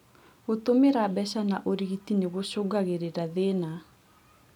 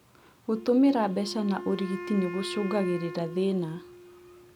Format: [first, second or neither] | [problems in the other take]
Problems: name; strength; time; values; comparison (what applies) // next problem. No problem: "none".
first | background sound (Wind instrument, woodwind instrument); 12 dB below the speech